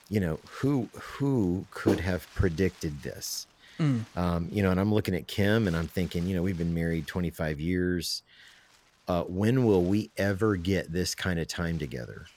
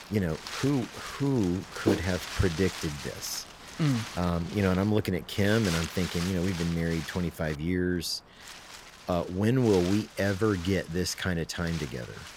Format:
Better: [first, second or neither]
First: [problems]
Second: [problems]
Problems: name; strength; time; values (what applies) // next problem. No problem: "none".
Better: first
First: wind noise on the microphone; occasional gusts; 20 dB below the speech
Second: wind noise on the microphone; heavy; 7 dB below the speech